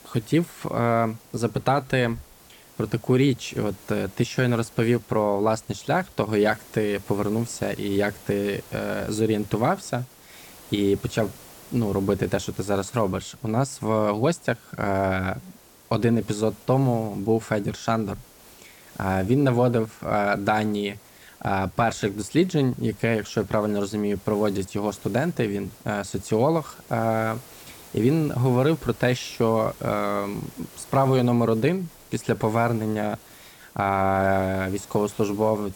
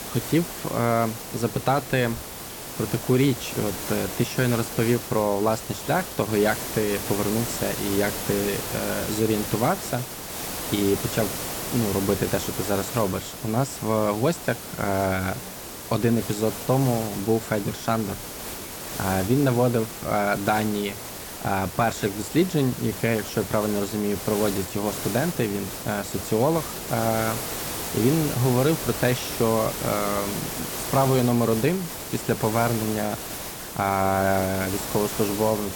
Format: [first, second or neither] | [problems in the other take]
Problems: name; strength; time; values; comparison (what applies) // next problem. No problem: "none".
first | hiss; loud; throughout; 6 dB below the speech; faint in the first